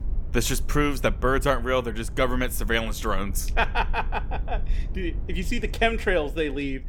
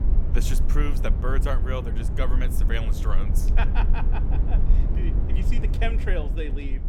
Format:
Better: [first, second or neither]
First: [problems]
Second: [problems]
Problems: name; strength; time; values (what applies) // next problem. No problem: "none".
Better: first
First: low rumble; faint; throughout; 25 dB below the speech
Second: low rumble; loud; throughout; 7 dB below the speech